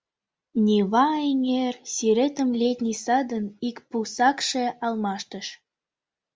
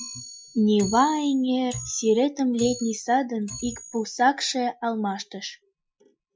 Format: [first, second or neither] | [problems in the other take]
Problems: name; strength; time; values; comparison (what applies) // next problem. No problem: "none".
first | noise reduction (classical method Wiener filter)